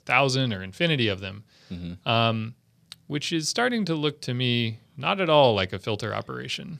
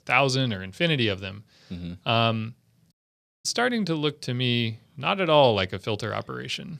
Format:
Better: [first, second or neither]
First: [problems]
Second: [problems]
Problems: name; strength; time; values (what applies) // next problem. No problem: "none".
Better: first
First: none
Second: audio cutting out; at 3 s for 0.5 s